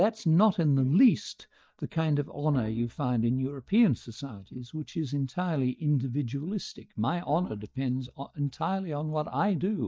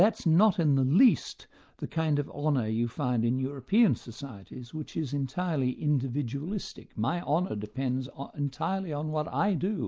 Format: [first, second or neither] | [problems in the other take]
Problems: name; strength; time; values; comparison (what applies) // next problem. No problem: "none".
second | noise reduction (neural mask model DeepFilterNet 3)